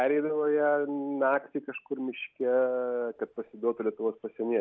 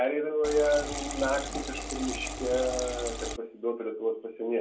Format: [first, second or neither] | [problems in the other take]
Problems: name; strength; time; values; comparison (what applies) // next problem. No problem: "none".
first | background sound (Liquid); 6 dB below the speech // room echo; dies away in 0.2 s